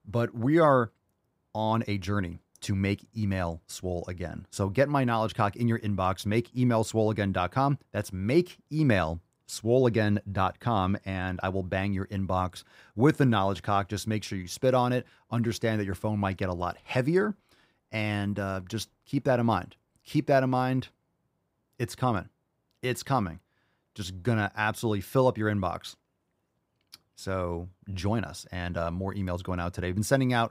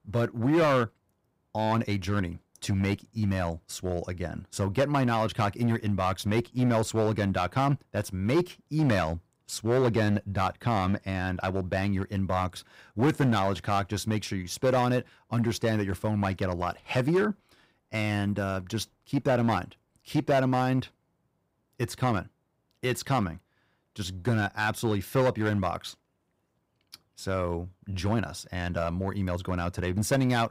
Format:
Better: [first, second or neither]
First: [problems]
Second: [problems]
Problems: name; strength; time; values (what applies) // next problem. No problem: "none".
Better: first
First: none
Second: distortion; slight; 5% of the sound clipped